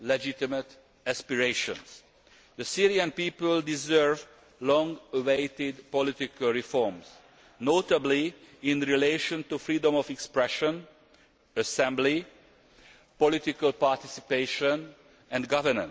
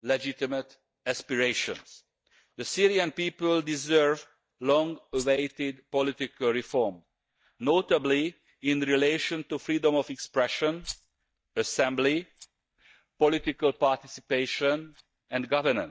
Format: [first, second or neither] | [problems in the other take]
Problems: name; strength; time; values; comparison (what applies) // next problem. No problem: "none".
first | noise reduction (neural mask model DeepFilterNet 3)